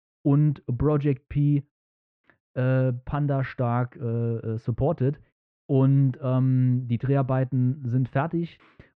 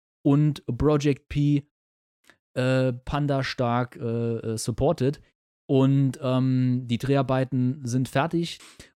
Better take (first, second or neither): second